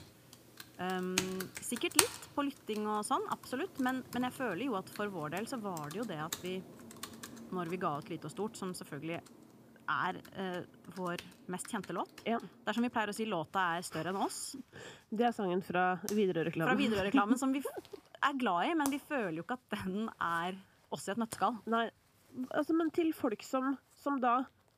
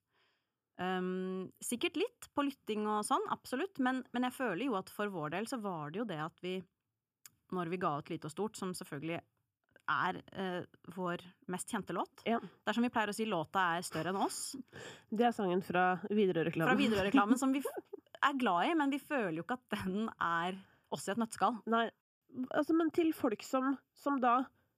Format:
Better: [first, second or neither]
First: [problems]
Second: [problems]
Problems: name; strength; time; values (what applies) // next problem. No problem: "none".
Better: second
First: household noises; loud; throughout; 6 dB below the speech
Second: none